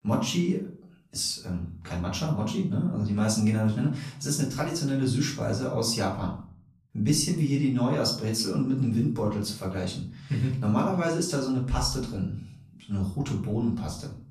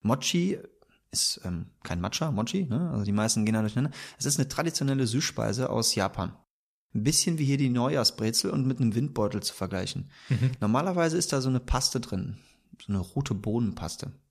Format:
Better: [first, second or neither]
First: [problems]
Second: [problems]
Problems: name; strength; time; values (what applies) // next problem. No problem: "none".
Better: second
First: room echo; slight; dies away in 0.4 s // off-mic speech; far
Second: none